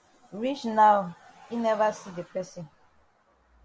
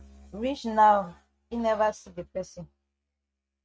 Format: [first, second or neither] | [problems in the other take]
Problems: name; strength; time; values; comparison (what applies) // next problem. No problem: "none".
first | noise reduction (neural mask model RNNoise)